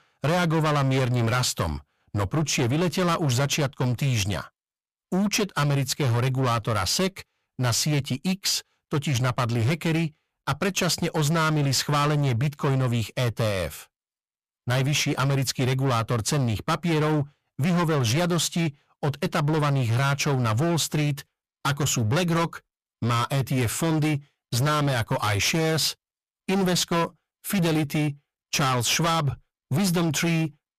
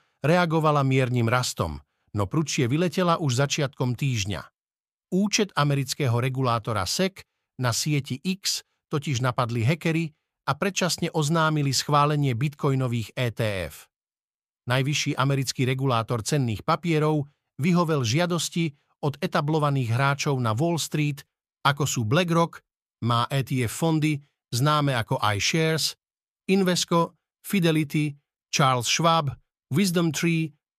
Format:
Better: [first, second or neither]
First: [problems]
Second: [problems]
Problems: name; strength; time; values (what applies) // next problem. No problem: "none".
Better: second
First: distortion; heavy; 23% of the sound clipped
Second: none